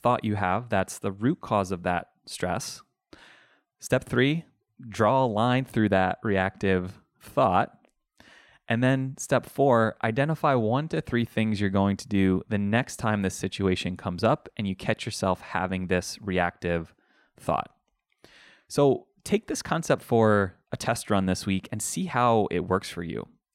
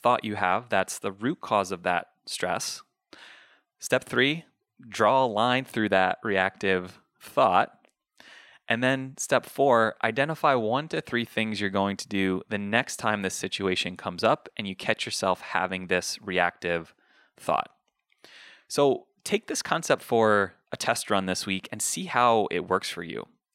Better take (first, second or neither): first